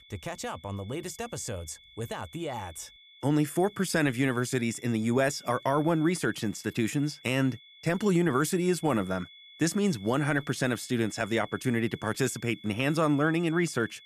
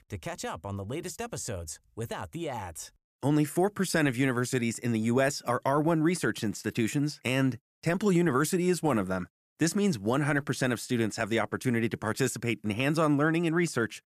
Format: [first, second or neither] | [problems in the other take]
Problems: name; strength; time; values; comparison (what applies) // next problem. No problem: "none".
second | high-pitched whine; faint; throughout; 3.5 kHz, 20 dB below the speech